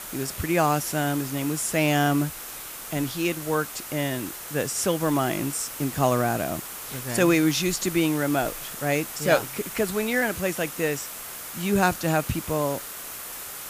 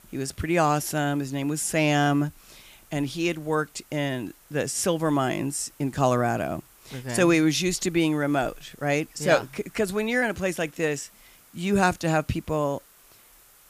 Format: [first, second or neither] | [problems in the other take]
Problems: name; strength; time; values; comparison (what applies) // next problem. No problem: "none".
second | hiss; loud; throughout; 9 dB below the speech; faint in the second